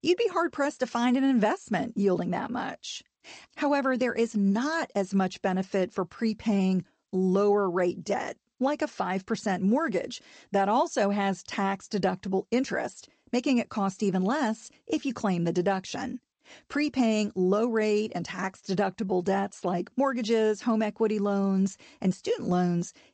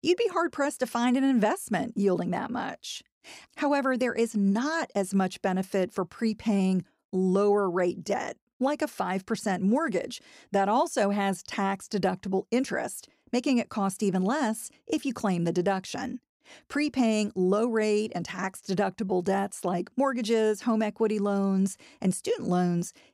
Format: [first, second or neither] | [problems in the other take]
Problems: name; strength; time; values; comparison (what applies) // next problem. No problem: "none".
second | garbled, watery; slightly; nothing above 8 kHz